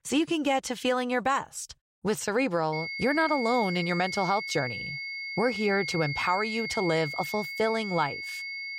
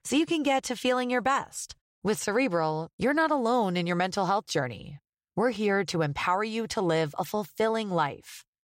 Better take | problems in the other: second | high-pitched whine; loud; from 2.5 s on; 2 kHz, 5 dB below the speech

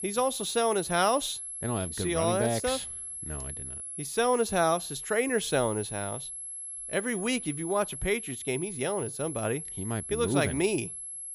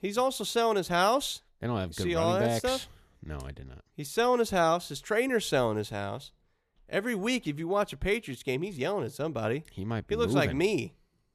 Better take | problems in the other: second | high-pitched whine; loud; throughout; 11 kHz, 7 dB below the speech

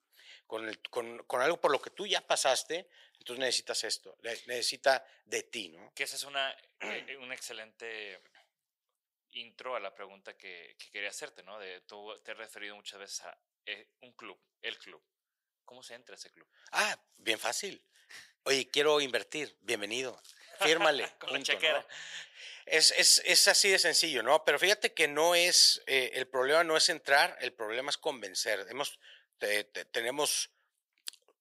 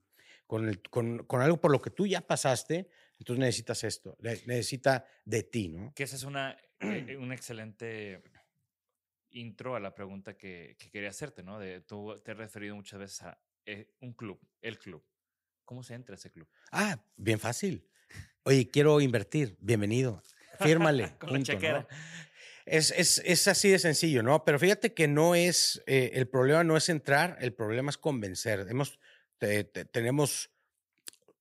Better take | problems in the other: second | thin; very; fading below 650 Hz

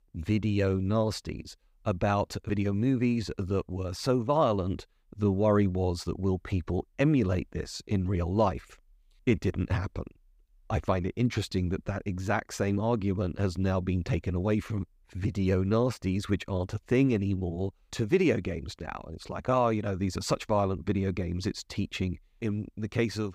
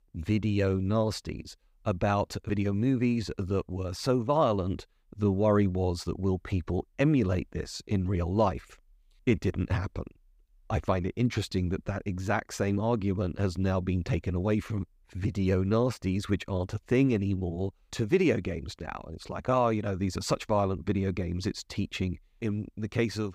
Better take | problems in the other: neither | none

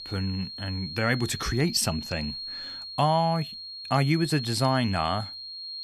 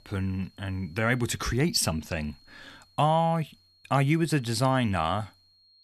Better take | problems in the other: second | high-pitched whine; loud; throughout; 4.5 kHz, 9 dB below the speech; faint in the second

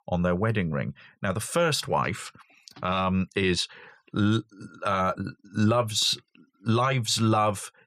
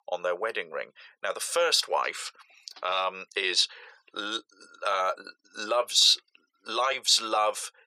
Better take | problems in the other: first | thin; very; fading below 450 Hz

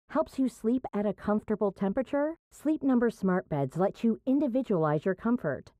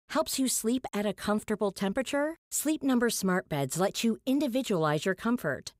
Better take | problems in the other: second | muffled; very; fading above 2.5 kHz

